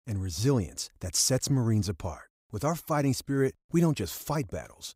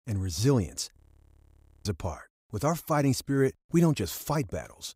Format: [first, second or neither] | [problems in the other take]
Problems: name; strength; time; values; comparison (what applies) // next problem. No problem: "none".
first | audio freezing; at 1 s for 1 s